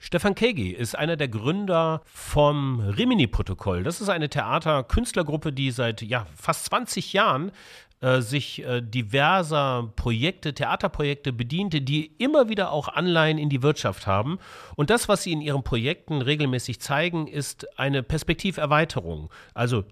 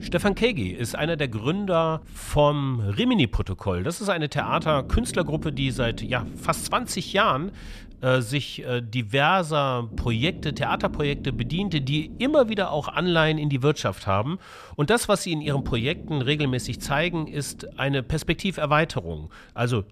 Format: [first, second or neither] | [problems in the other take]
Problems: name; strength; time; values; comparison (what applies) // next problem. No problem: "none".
first | low rumble; faint; throughout; 20 dB below the speech